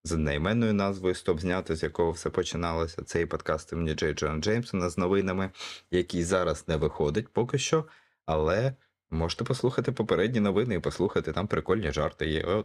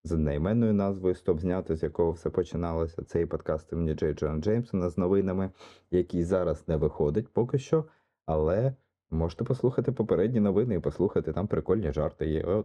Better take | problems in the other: first | muffled; slightly; fading above 1 kHz

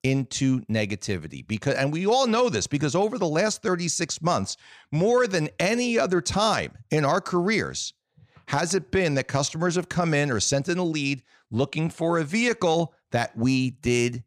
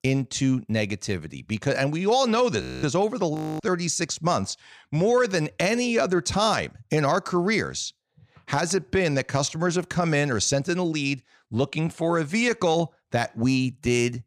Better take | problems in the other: first | audio freezing; at 2.5 s and at 3.5 s

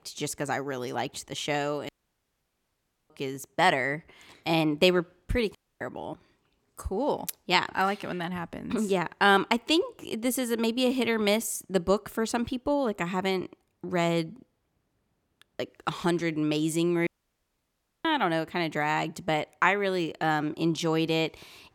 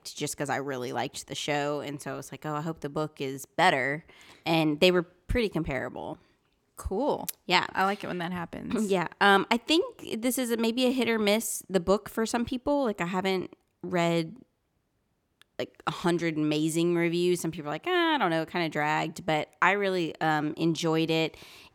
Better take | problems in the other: second | audio cutting out; at 2 s for 1 s, at 5.5 s and at 17 s for 1 s

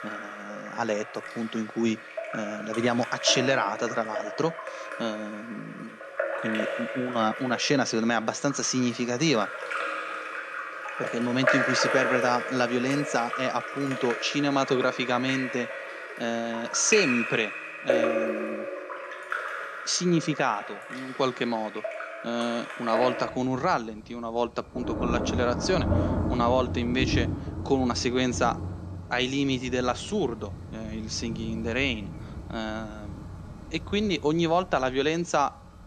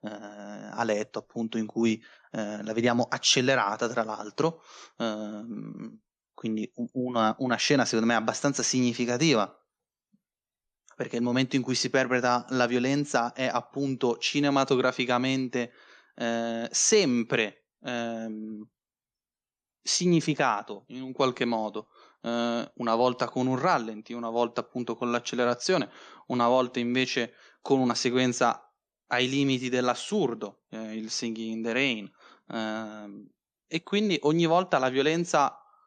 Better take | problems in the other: second | rain or running water; loud; throughout; 5 dB below the speech

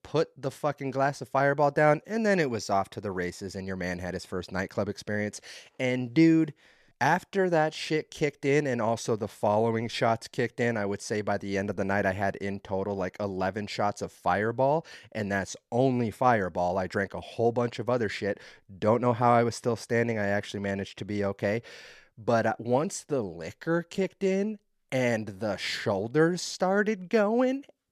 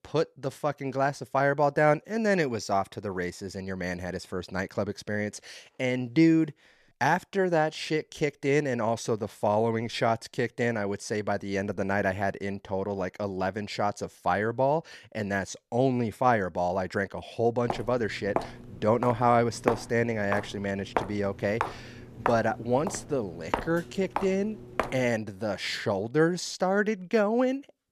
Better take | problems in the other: first | footsteps; noticeable; from 18 to 25 s; peak 4 dB below the speech

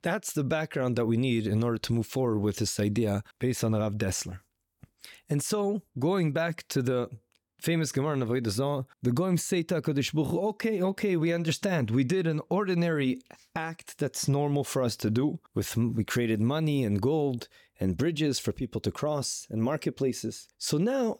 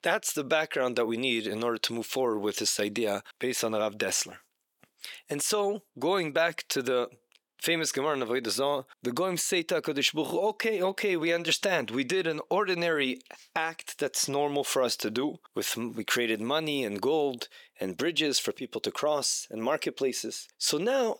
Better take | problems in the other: first | thin; somewhat; fading below 450 Hz

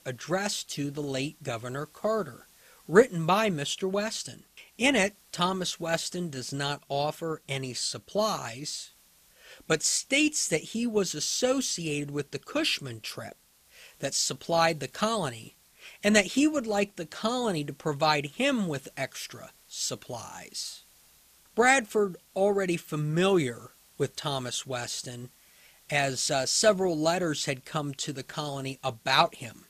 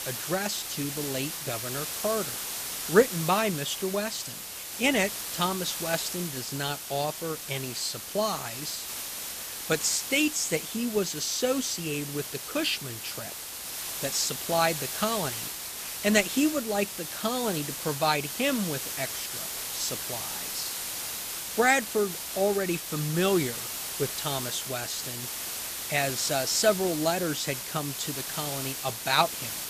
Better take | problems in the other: first | hiss; loud; throughout; 4 dB below the speech; faint in the first

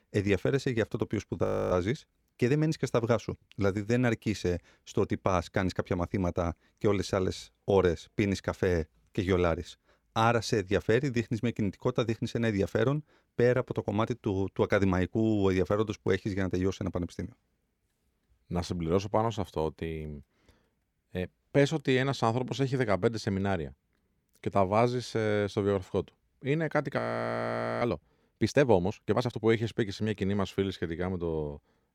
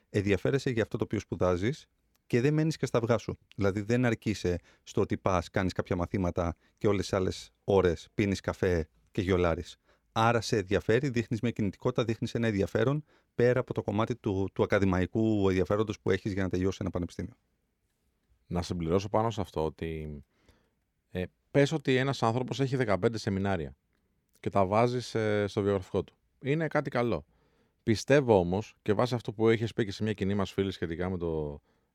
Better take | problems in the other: second | audio freezing; at 1.5 s and at 27 s for 1 s

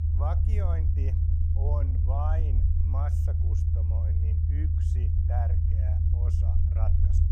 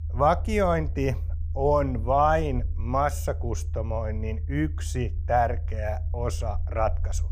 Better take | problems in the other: second | low rumble; loud; throughout; as loud as the speech; faint in the second

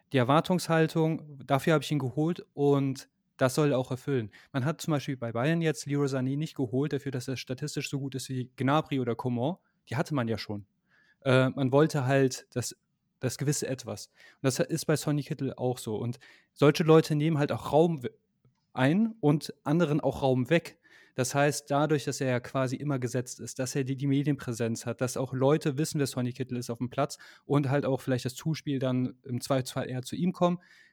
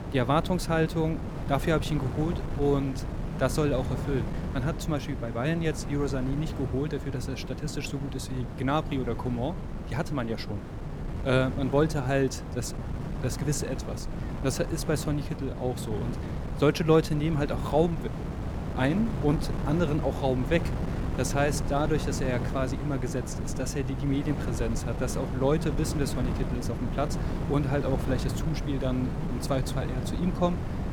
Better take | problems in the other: first | wind noise on the microphone; heavy; 9 dB below the speech

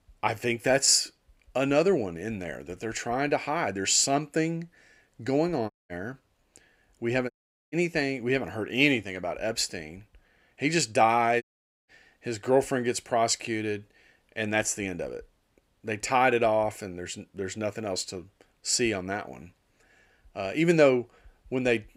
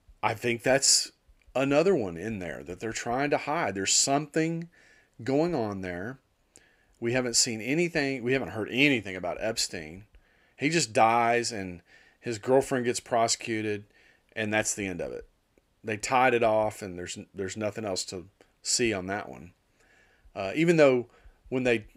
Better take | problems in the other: second | audio cutting out; at 5.5 s, at 7.5 s and at 11 s

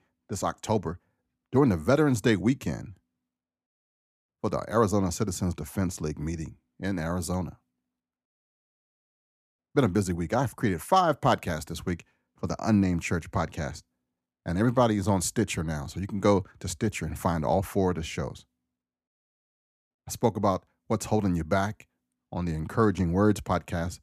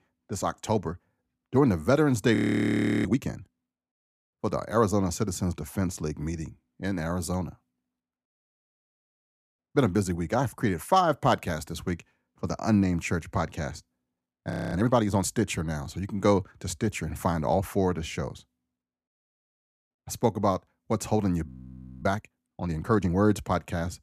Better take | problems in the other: first | audio freezing; at 2.5 s for 0.5 s, at 15 s and at 21 s for 0.5 s

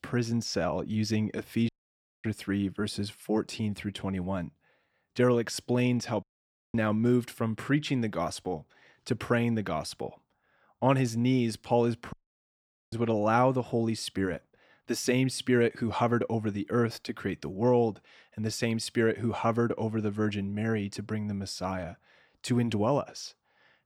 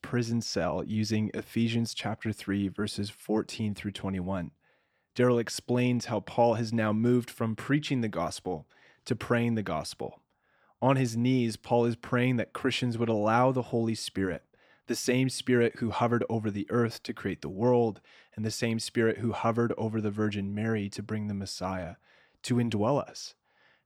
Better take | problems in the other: second | audio cutting out; at 1.5 s for 0.5 s, at 6 s for 0.5 s and at 12 s for 1 s

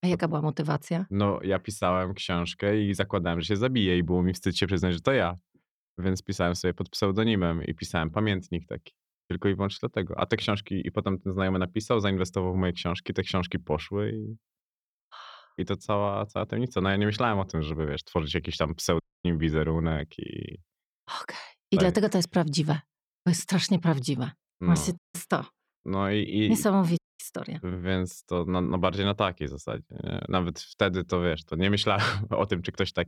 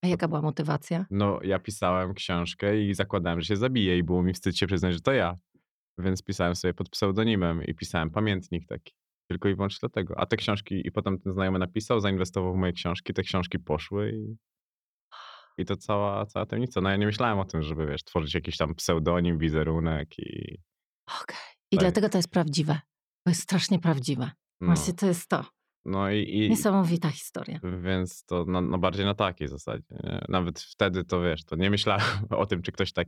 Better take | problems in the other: second | audio cutting out; at 19 s, at 25 s and at 27 s

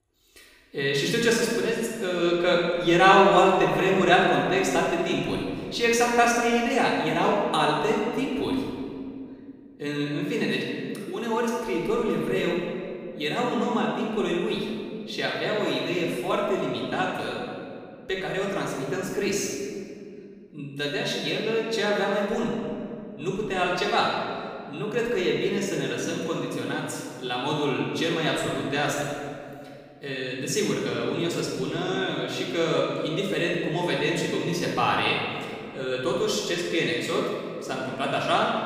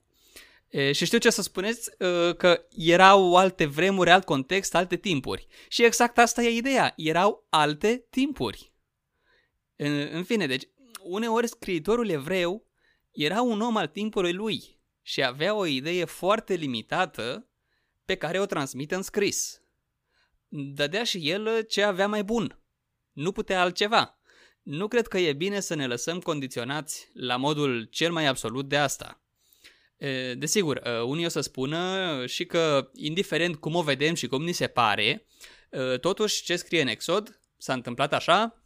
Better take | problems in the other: second | room echo; noticeable; dies away in 2.1 s // off-mic speech; far

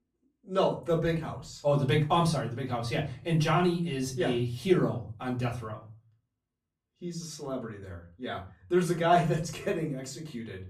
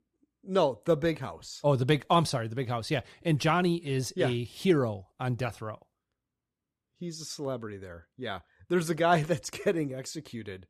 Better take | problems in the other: second | off-mic speech; far // room echo; very slight; dies away in 0.3 s

